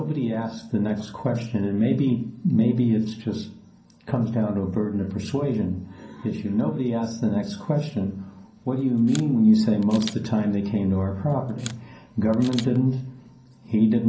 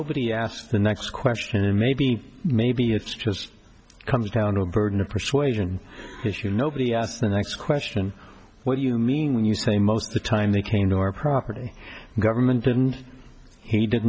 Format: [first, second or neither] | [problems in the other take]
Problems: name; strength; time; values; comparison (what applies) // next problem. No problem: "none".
second | background sound (Camera); 20 dB below the speech // room echo; dies away in 0.6 s